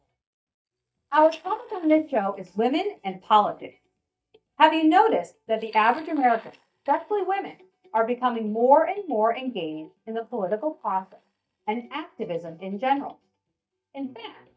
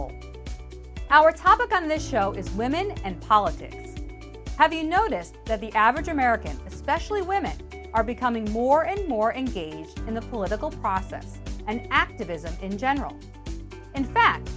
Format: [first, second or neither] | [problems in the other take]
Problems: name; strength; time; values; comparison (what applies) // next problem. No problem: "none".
second | noise reduction (neural mask model DeepFilterNet 3)